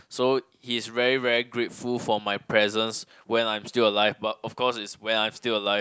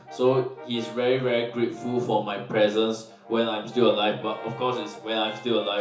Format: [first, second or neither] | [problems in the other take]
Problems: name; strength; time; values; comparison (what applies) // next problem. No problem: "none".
first | background sound (Brass instrument); 16 dB below the speech // room echo; dies away in 0.7 s